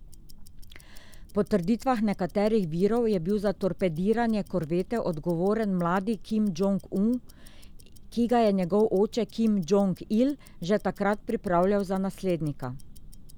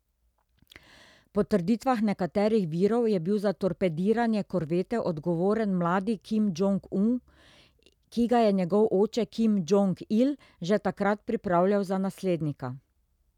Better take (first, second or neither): second